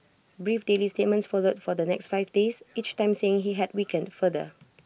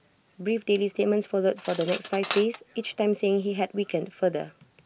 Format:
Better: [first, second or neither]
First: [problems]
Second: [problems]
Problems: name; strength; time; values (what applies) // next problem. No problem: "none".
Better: first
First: none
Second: background sound (Cutlery, silverware); 14 dB below the speech